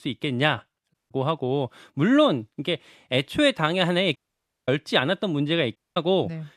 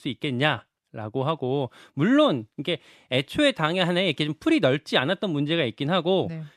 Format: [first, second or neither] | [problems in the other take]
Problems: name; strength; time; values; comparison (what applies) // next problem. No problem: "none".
second | audio cutting out; at 1 s, at 4 s for 0.5 s and at 6 s